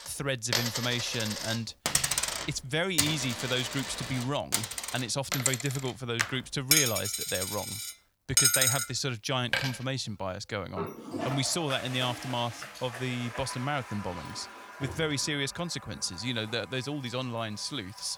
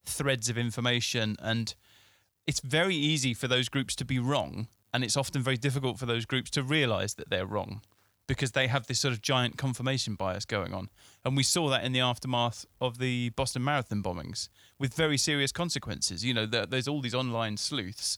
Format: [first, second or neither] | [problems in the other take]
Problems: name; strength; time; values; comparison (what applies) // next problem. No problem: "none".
second | household noises; very loud; throughout; 2 dB above the speech